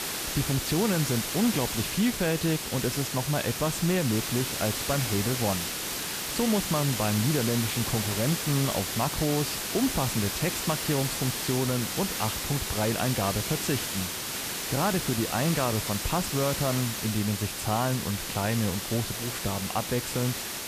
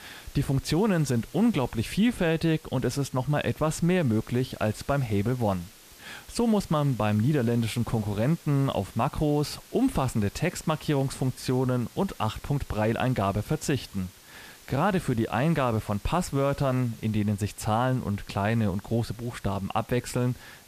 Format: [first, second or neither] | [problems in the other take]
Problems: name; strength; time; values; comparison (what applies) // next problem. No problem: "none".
second | hiss; loud; throughout; 1 dB below the speech; faint in the second